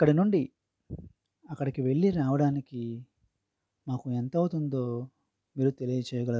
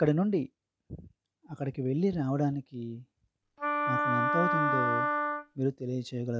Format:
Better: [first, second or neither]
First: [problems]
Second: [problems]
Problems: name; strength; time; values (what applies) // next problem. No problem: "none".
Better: first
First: none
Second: background sound (Wind instrument, woodwind instrument); 3 dB above the speech